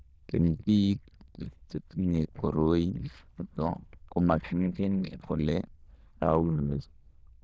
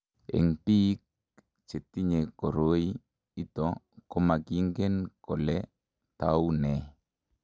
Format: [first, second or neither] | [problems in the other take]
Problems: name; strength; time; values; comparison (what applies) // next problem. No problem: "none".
second | noise reduction (neural diffusion model UNIVERSE++)